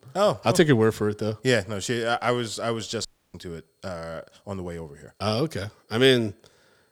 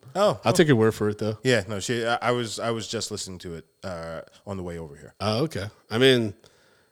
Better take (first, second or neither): second